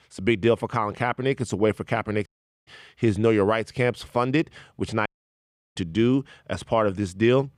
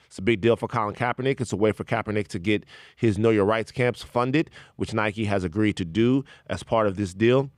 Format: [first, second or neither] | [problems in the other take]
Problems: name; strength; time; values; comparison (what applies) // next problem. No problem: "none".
second | audio cutting out; at 2.5 s and at 5 s for 0.5 s